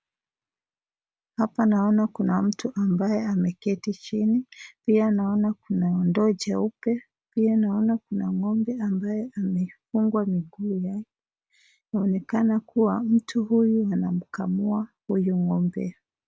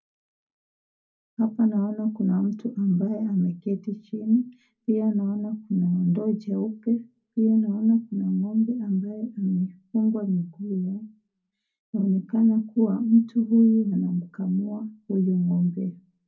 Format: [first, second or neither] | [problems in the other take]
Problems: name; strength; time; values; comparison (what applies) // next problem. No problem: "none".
first | room echo; dies away in 0.4 s